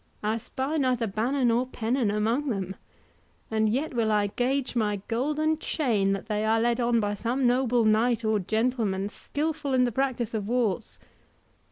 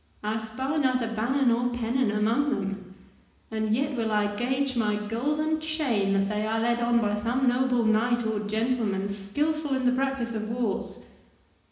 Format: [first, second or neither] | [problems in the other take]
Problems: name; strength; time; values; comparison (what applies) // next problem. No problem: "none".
first | room echo; dies away in 1 s